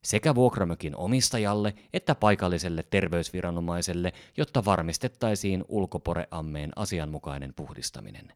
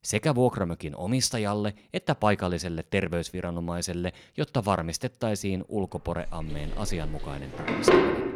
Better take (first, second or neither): first